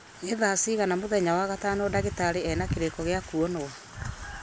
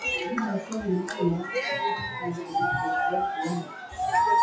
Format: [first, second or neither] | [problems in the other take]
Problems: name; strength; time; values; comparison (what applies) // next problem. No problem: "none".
first | noise reduction (classical method WPE with log-MMSE)